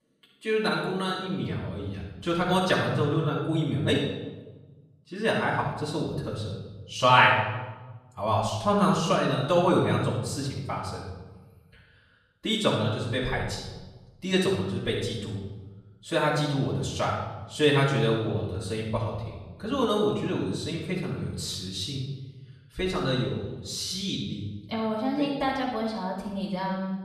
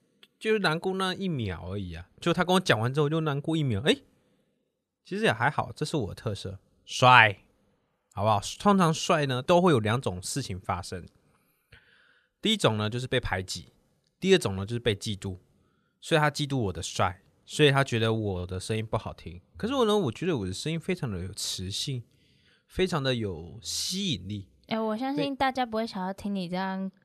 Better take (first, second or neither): second